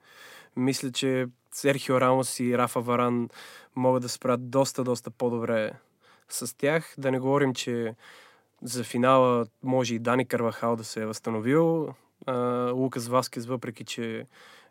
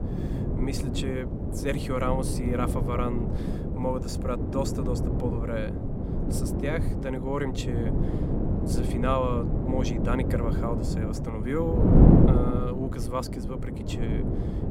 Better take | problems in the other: first | wind noise on the microphone; heavy; 1 dB below the speech

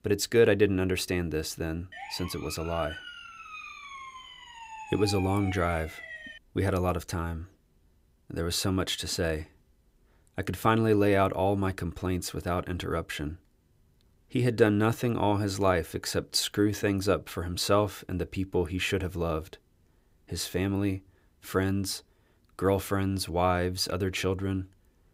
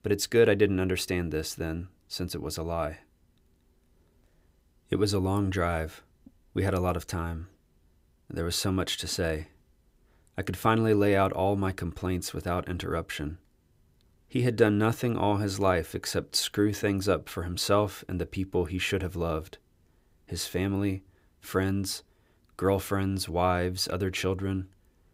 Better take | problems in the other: second | siren; noticeable; from 2 to 6.5 s; peak 10 dB below the speech

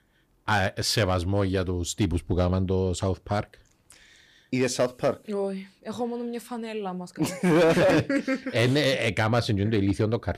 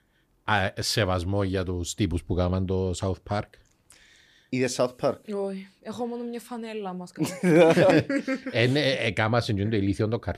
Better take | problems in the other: second | distortion; slight; 4% of the sound clipped

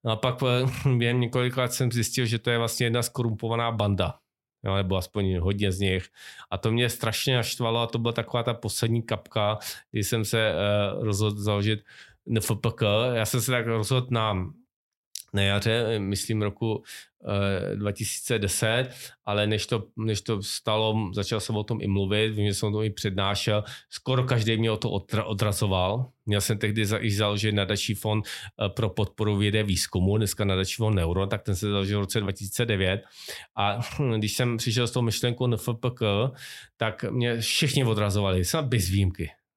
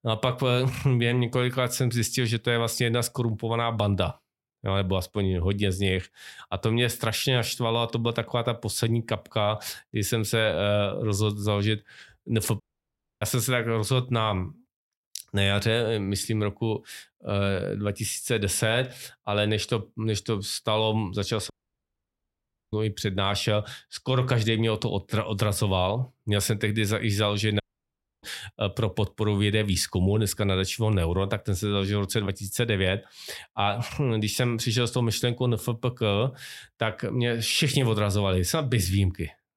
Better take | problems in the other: first | audio cutting out; at 13 s for 0.5 s, at 22 s for 1 s and at 28 s for 0.5 s

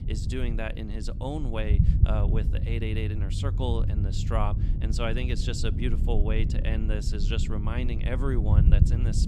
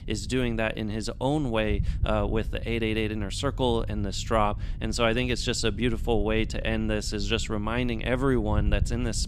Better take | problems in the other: second | low rumble; loud; throughout; 6 dB below the speech; faint in the second

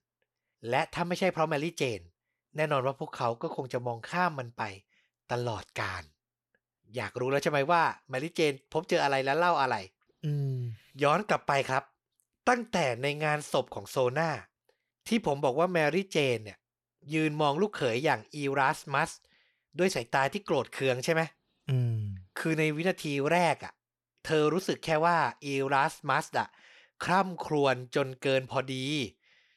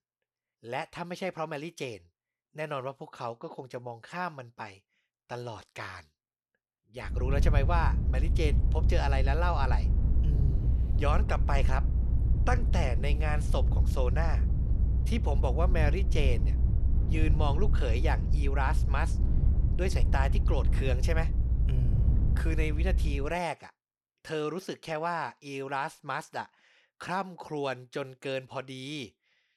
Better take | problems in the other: first | low rumble; loud; from 7 to 23 s; 10 dB below the speech

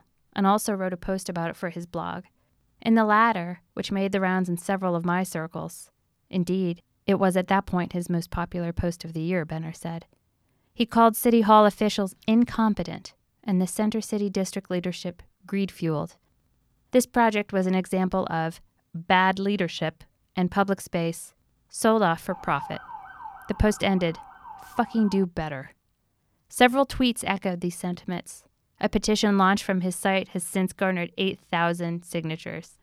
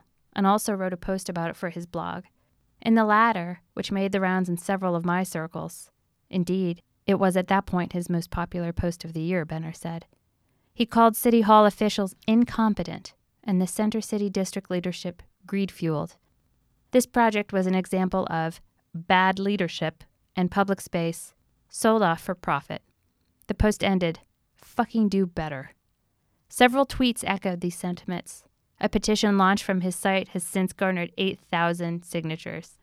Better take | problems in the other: second | siren; faint; from 22 to 25 s; peak 15 dB below the speech

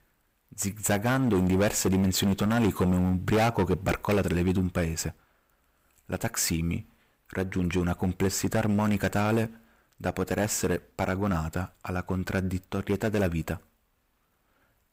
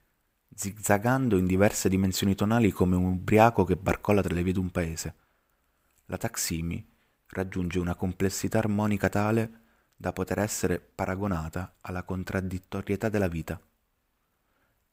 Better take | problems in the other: second | distortion; heavy; 8% of the sound clipped

